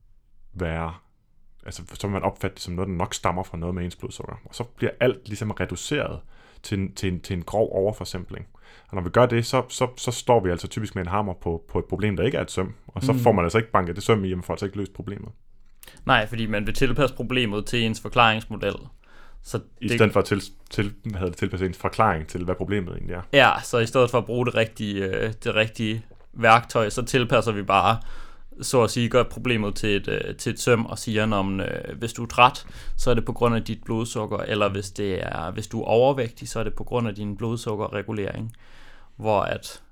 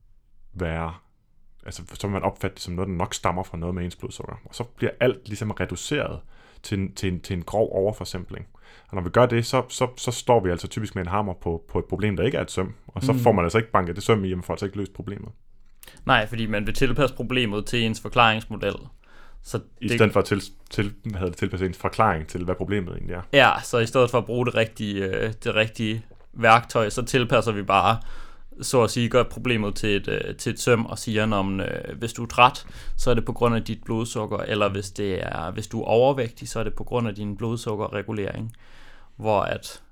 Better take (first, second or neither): neither